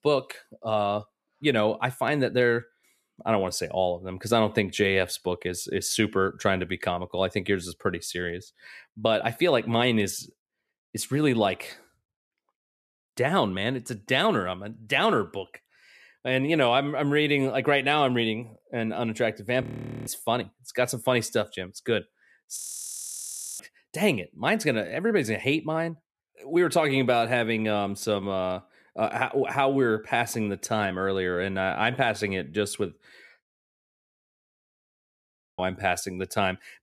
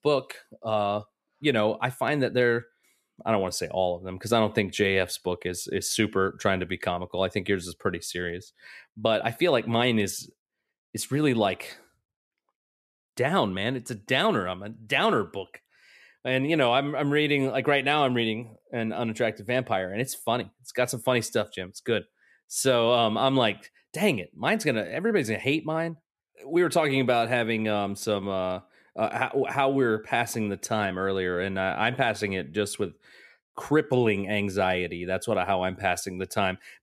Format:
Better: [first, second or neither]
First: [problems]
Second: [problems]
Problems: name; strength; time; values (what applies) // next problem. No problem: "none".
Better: second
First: audio freezing; at 20 s, at 23 s for 1 s and at 33 s for 2 s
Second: none